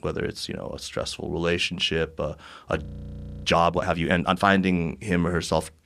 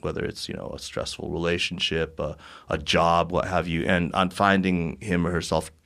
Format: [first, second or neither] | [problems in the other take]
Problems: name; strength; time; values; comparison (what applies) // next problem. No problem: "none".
second | audio freezing; at 3 s for 0.5 s